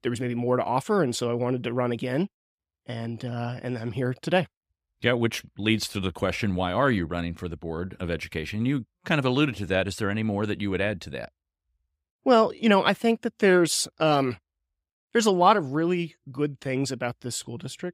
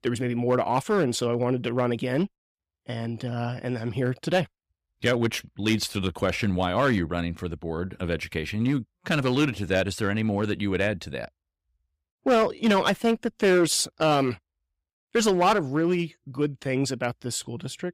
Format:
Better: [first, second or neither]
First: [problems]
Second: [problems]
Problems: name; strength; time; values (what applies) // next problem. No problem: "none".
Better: first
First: none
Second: distortion; slight; 3% of the sound clipped